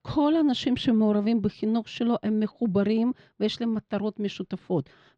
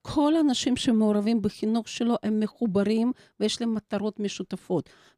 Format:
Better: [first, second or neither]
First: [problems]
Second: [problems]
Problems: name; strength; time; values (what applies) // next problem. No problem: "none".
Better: second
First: muffled; very slightly; fading above 4 kHz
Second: none